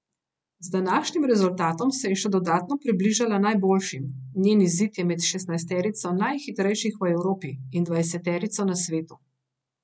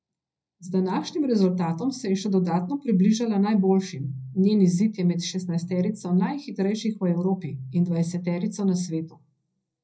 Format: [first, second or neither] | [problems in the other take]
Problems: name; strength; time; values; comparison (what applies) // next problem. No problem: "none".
first | room echo; dies away in 0.5 s